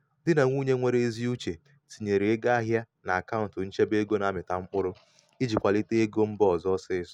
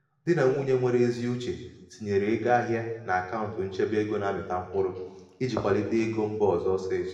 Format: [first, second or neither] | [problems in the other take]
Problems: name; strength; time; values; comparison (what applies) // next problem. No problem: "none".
first | room echo; dies away in 1 s